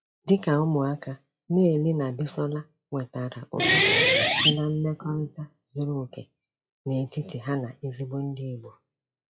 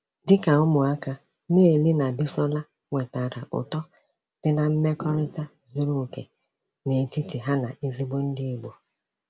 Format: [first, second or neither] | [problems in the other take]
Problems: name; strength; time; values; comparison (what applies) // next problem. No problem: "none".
second | noise reduction (classical method log-MMSE)